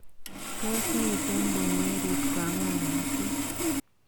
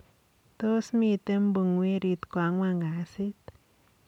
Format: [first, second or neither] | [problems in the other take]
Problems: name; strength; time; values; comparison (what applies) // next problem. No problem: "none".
second | background sound (Sawing); 4 dB above the speech